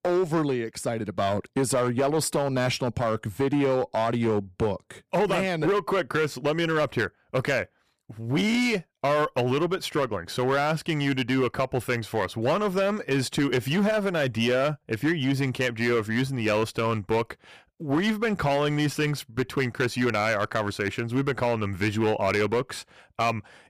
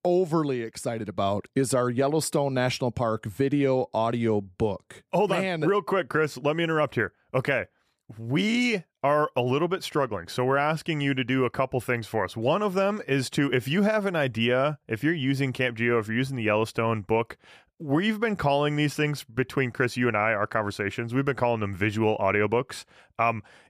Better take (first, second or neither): second